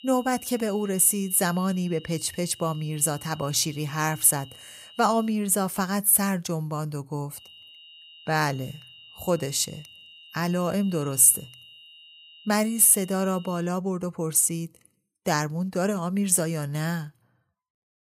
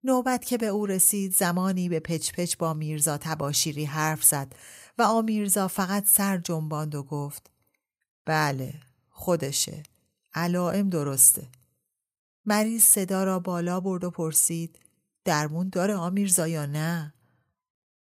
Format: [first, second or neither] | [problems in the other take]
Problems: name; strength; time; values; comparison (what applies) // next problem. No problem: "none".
second | high-pitched whine; faint; until 5.5 s and from 7.5 to 14 s; 3 kHz, 25 dB below the speech